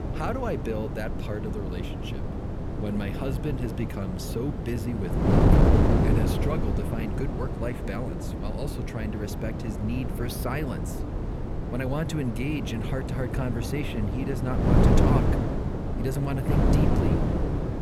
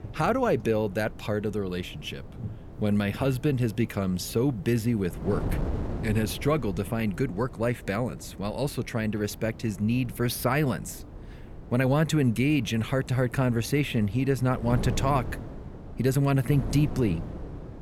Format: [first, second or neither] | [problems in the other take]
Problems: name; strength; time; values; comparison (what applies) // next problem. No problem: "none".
second | wind noise on the microphone; heavy; 2 dB above the speech; occasional gusts in the second